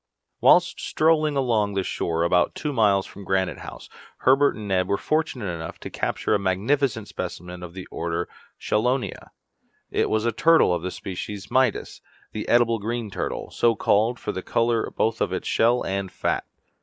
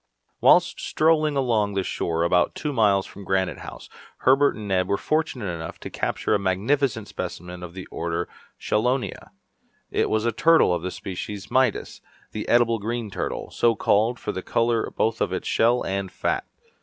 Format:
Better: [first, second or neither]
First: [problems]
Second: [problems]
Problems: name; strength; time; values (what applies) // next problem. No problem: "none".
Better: second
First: noise reduction (neural mask model Resemble Enhance denoiser)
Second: none